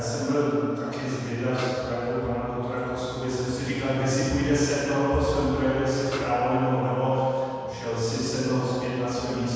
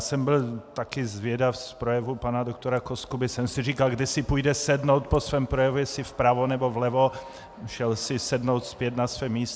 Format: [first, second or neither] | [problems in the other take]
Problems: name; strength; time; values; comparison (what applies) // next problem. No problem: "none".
second | background sound (Snare drum); 13 dB below the speech // room echo; dies away in 2.1 s